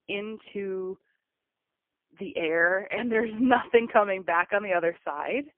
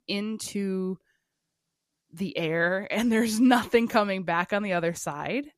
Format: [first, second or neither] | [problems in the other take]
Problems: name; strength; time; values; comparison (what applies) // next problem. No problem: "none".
second | phone-call audio; poor line; nothing above 3 kHz